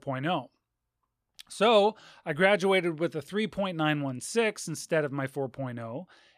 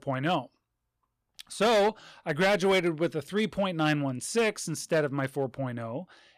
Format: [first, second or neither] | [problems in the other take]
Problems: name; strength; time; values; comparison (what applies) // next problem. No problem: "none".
first | distortion; slight; 5% of the sound clipped